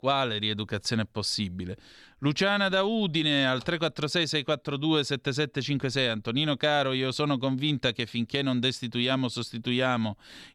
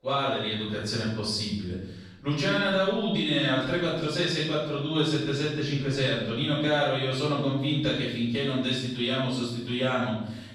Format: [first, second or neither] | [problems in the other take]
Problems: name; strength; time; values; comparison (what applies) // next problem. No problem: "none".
first | off-mic speech; far // room echo; noticeable; dies away in 0.7 s